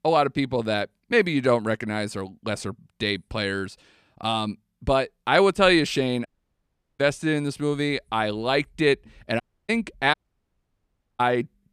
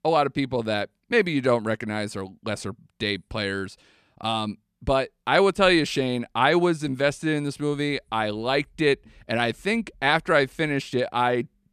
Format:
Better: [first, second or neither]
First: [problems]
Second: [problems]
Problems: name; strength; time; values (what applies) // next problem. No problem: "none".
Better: second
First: audio cutting out; at 6.5 s for 0.5 s, at 9.5 s and at 10 s for 1 s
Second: none